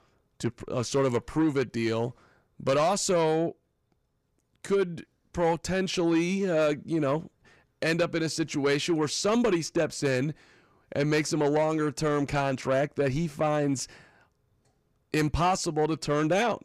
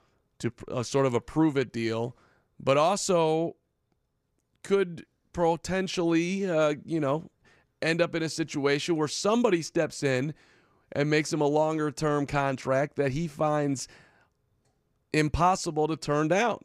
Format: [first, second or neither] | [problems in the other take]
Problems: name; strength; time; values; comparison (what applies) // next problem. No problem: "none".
second | distortion; slight; 10 dB below the speech